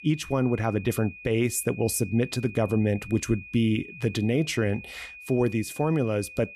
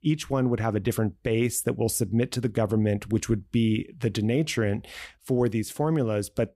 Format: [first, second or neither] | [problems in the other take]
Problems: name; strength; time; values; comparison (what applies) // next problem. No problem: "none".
second | high-pitched whine; noticeable; throughout; 2.5 kHz, 15 dB below the speech